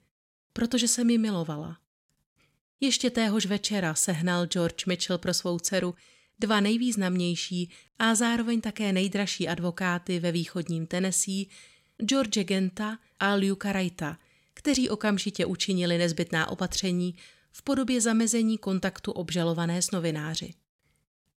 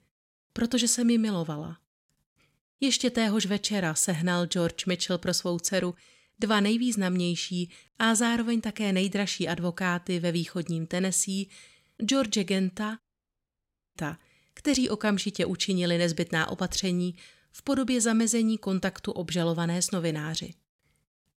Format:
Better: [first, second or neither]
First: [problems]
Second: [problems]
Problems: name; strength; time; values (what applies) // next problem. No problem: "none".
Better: first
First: none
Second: audio cutting out; at 13 s for 1 s